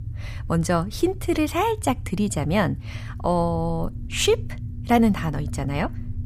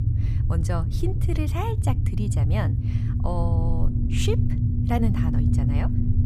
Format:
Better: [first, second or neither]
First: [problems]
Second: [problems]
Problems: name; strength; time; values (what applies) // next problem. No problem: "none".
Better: first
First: low rumble; faint; throughout; 20 dB below the speech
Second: low rumble; loud; throughout; 3 dB below the speech